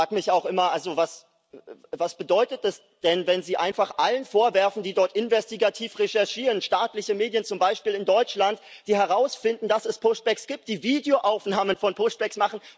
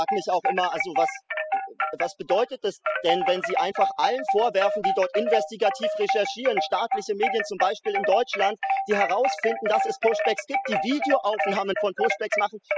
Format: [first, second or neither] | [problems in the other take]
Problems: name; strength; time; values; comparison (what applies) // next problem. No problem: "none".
first | noise reduction (classical method spectral subtraction)